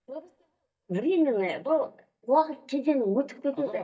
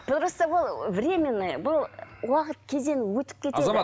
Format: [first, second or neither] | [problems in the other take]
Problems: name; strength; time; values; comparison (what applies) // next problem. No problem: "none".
second | noise reduction (neural mask model DeepFilterNet 3)